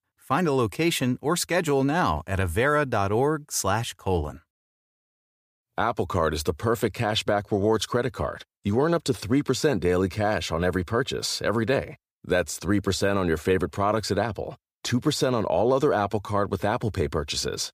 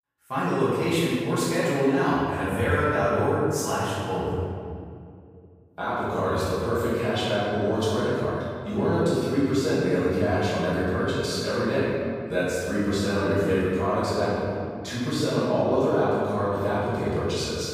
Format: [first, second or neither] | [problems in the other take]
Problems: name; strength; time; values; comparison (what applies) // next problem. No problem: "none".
first | off-mic speech; far // room echo; strong; dies away in 2.1 s